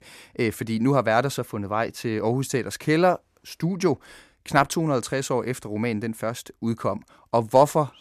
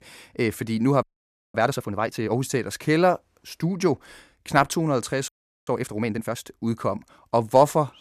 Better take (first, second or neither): first